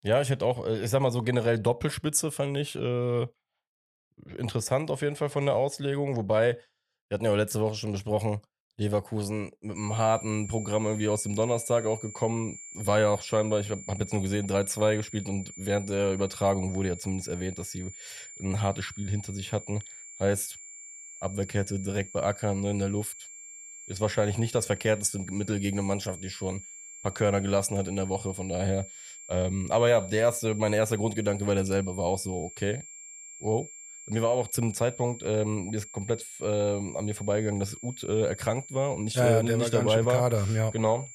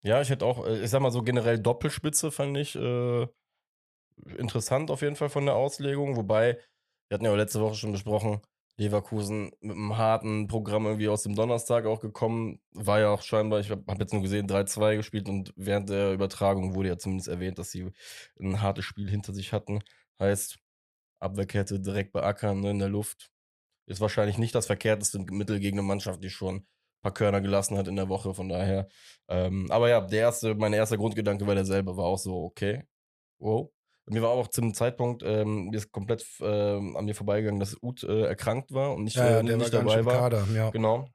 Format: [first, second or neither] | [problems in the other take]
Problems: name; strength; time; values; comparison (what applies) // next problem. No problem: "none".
second | high-pitched whine; noticeable; from 10 s on; 7.5 kHz, 15 dB below the speech